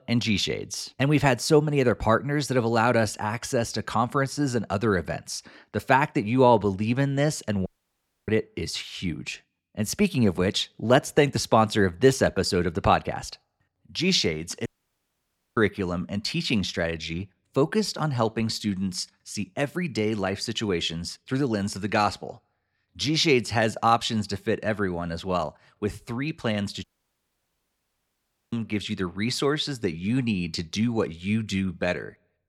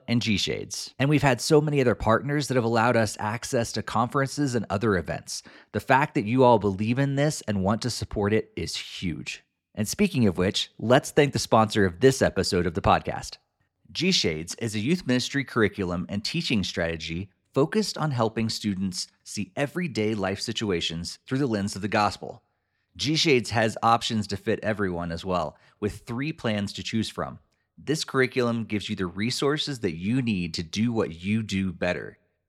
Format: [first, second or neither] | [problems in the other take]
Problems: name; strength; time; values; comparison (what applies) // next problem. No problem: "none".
second | audio cutting out; at 7.5 s for 0.5 s, at 15 s for 1 s and at 27 s for 1.5 s